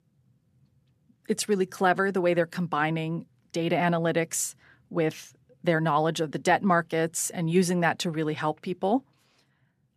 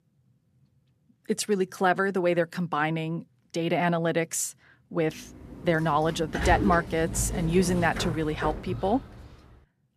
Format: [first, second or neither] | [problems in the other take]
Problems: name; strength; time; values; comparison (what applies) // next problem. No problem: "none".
first | door banging; noticeable; from 5.5 to 9 s; peak 1 dB below the speech